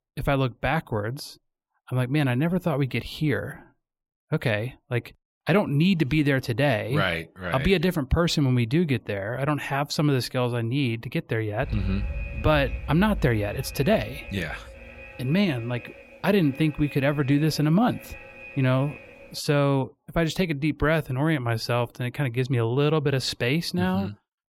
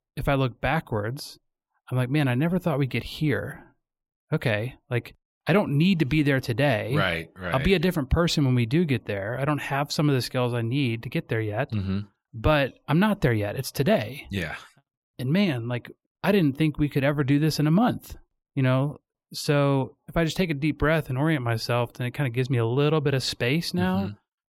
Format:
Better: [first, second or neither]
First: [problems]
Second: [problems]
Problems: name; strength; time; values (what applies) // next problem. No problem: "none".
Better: second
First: alarm; noticeable; from 12 to 19 s; peak 7 dB below the speech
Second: none